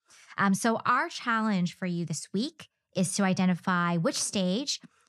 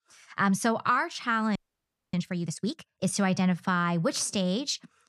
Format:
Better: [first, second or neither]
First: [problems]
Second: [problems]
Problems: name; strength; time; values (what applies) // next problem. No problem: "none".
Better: first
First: none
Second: audio freezing; at 1.5 s for 0.5 s